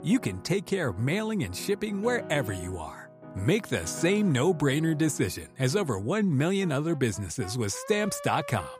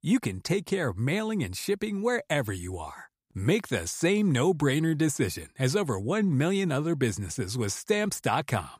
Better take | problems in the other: second | background music; noticeable; throughout; 15 dB below the speech

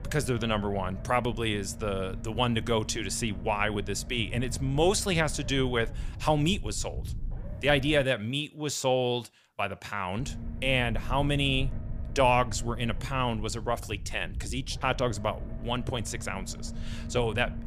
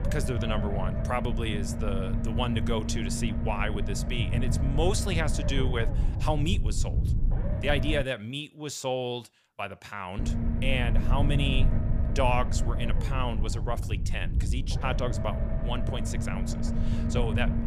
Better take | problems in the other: first | low rumble; loud; until 8 s and from 10 s on; 7 dB below the speech; faint in the first

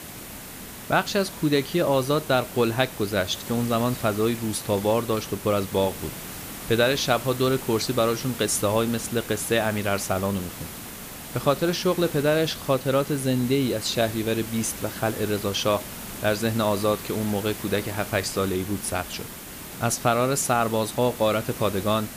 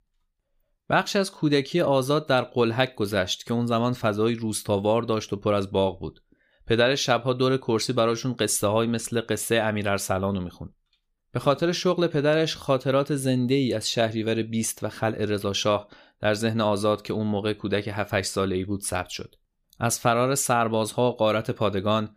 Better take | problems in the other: second | hiss; noticeable; throughout; 10 dB below the speech

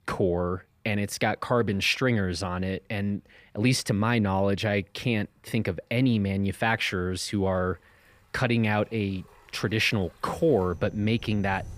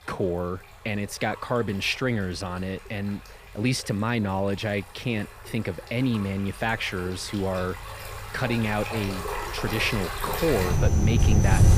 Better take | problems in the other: first | rain or running water; loud; throughout; as loud as the speech; faint in the first

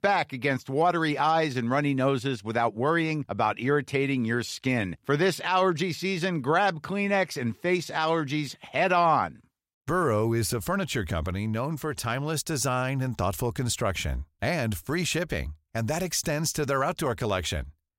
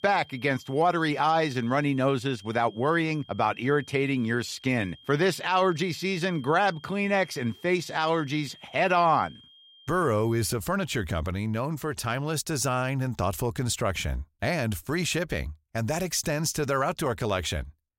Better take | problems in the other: first | high-pitched whine; faint; until 11 s; 3 kHz, 25 dB below the speech

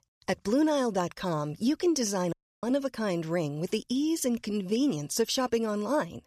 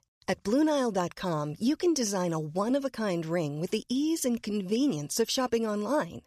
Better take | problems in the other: second | audio cutting out; at 2.5 s

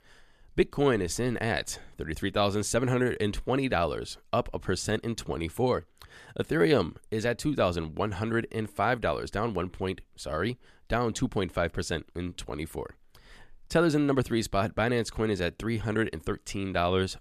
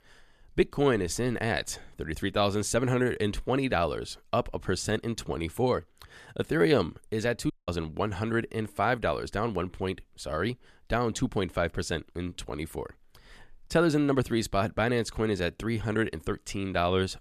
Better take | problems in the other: first | audio cutting out; at 7.5 s

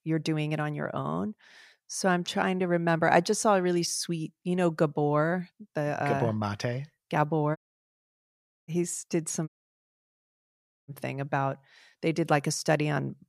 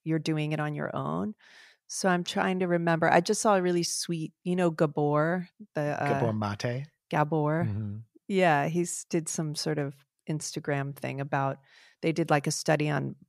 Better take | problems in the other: second | audio cutting out; at 7.5 s for 1 s and at 9.5 s for 1.5 s

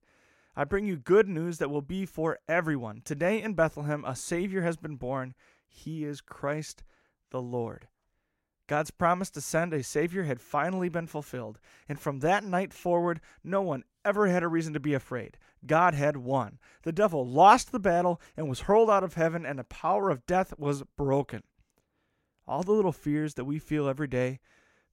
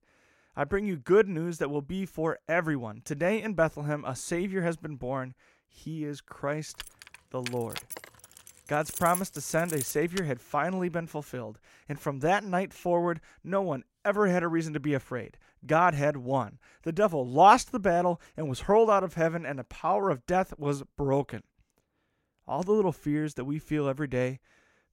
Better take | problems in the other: first | jangling keys; noticeable; from 7 to 10 s; peak 5 dB below the speech

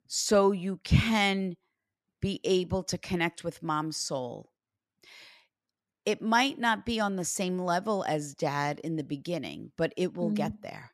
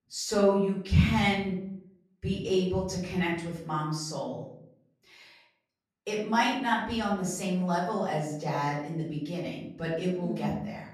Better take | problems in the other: first | off-mic speech; far // room echo; noticeable; dies away in 0.6 s

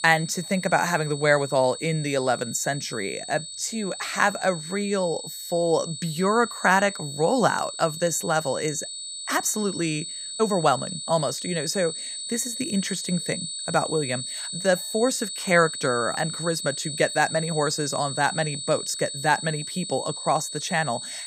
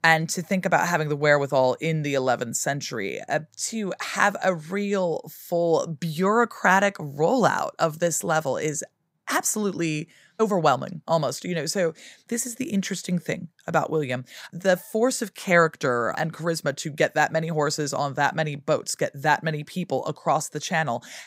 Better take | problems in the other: second | high-pitched whine; loud; throughout; 8 kHz, 7 dB below the speech

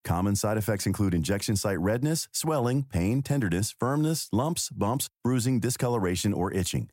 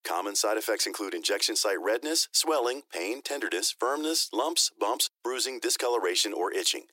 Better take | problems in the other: first | thin; very; fading below 300 Hz

